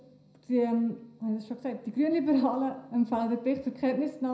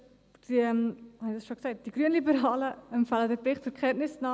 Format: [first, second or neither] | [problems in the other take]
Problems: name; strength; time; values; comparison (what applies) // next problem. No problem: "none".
second | room echo; dies away in 0.5 s